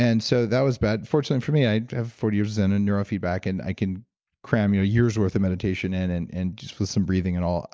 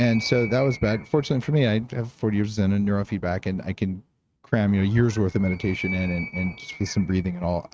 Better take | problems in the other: first | noise reduction (neural mask model RNNoise)

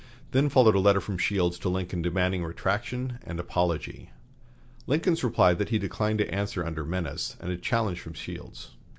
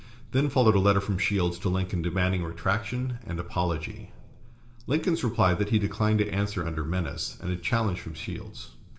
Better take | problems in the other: first | room echo; dies away in 1.6 s

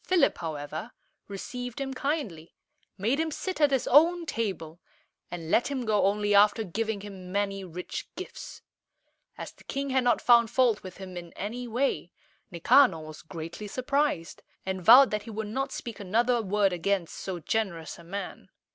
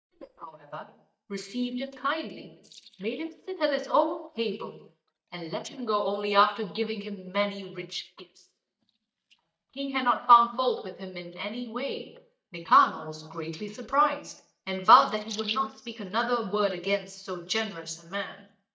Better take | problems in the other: first | noise reduction (neural mask model DeepFilterNet 3)

